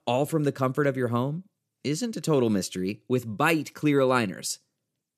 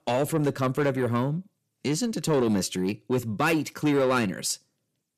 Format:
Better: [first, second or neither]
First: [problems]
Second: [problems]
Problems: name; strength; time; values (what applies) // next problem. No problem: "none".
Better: first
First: none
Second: distortion; slight; 10 dB below the speech